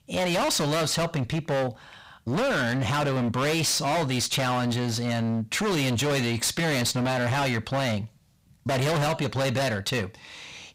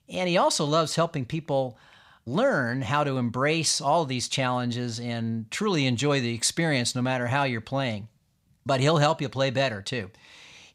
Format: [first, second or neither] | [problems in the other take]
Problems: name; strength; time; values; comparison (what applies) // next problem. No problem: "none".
second | distortion; heavy; 35% of the sound clipped